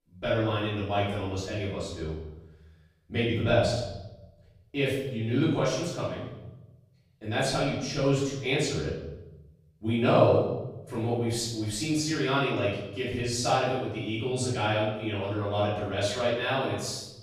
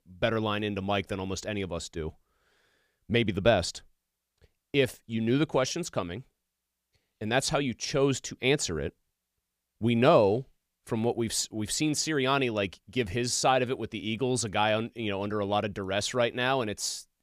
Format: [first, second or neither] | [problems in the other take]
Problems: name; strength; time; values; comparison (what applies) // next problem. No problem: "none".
second | room echo; noticeable; dies away in 0.9 s // off-mic speech; far